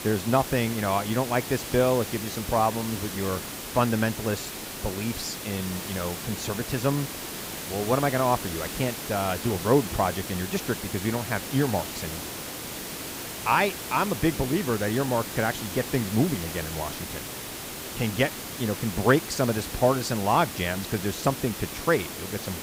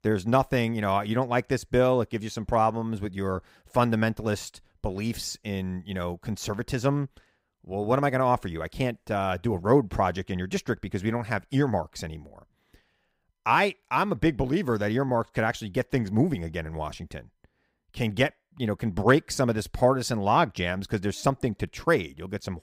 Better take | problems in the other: second | hiss; loud; throughout; 7 dB below the speech

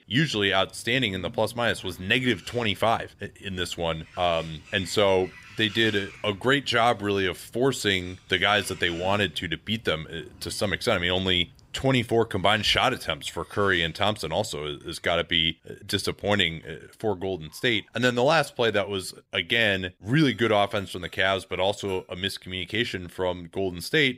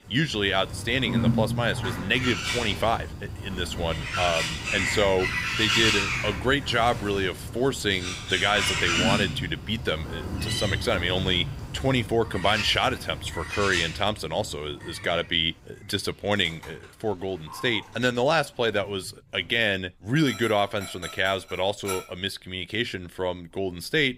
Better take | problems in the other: first | animal sounds; loud; throughout; 3 dB below the speech; faint in the first

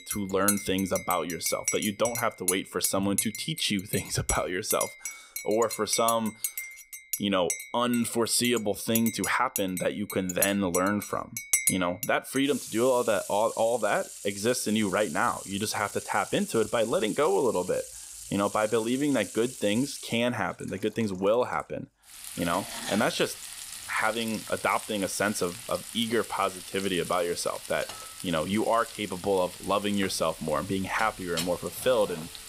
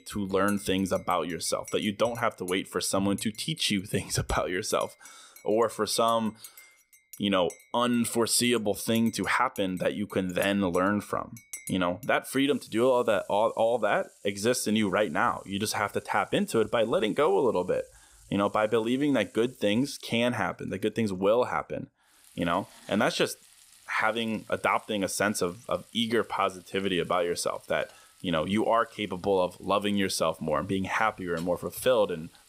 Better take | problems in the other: second | household noises; loud; throughout; 7 dB below the speech; faint in the second

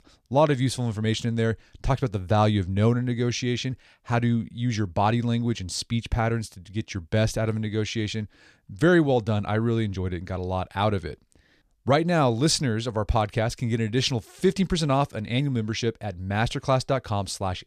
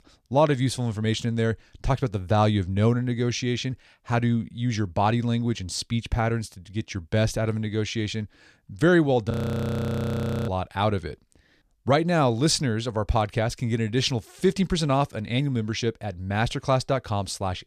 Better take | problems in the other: first | audio freezing; at 9.5 s for 1 s

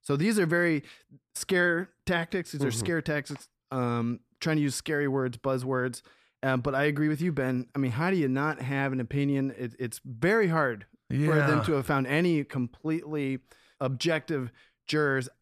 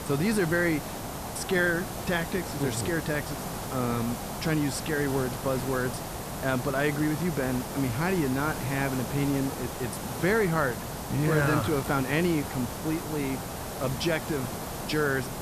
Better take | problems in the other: first | hiss; loud; throughout; 6 dB below the speech

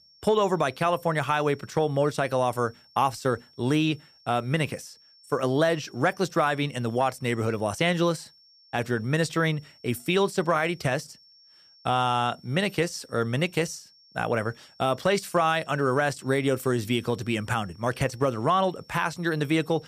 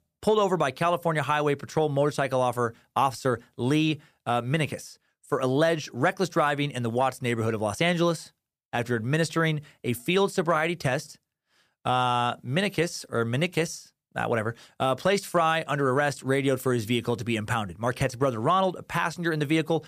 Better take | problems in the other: second | high-pitched whine; faint; throughout; 5.5 kHz, 30 dB below the speech

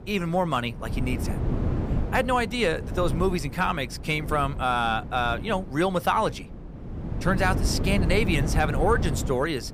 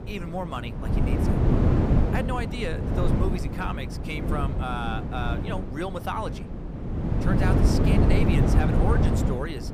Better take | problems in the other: first | wind noise on the microphone; heavy; as loud as the speech; occasional gusts in the first

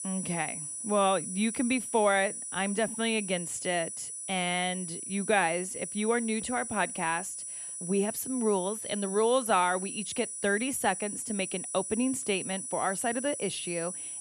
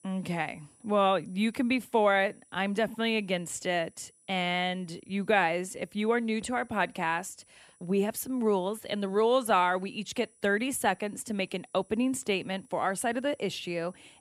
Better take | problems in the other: second | high-pitched whine; loud; throughout; 10 kHz, 6 dB below the speech; faint in the second

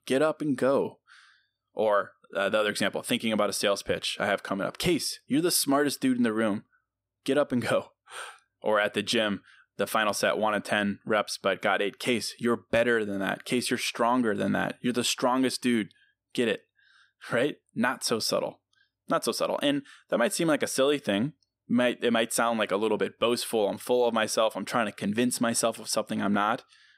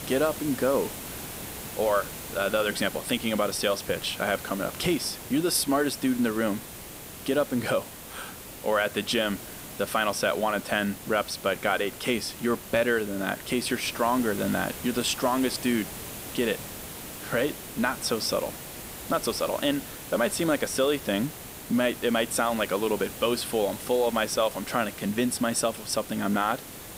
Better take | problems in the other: first | hiss; noticeable; throughout; 10 dB below the speech

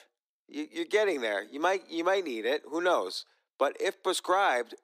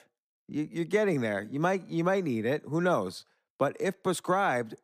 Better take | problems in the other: second | thin; somewhat; fading below 300 Hz

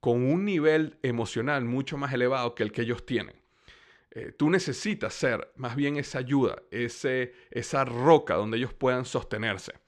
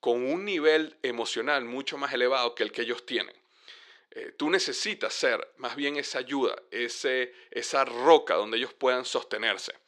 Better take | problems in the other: first | thin; somewhat; fading below 350 Hz

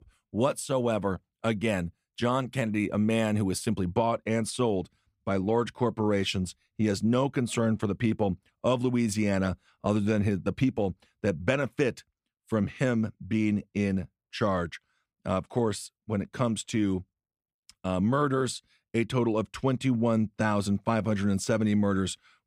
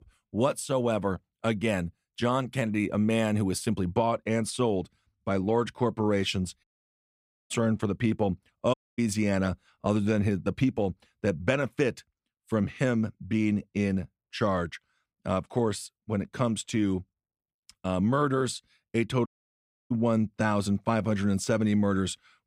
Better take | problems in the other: first | audio cutting out; at 6.5 s for 1 s, at 8.5 s and at 19 s for 0.5 s

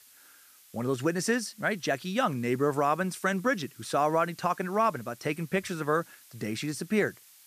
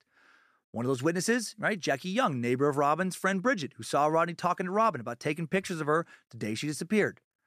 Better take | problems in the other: second | hiss; faint; throughout; 25 dB below the speech

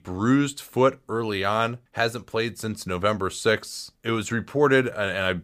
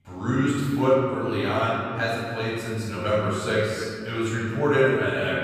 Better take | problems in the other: first | room echo; strong; dies away in 2.5 s // off-mic speech; far

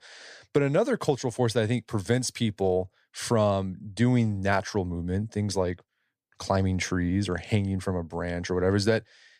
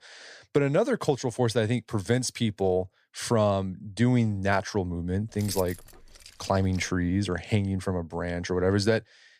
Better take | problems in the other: first | jangling keys; faint; from 5.5 to 7 s; peak 10 dB below the speech

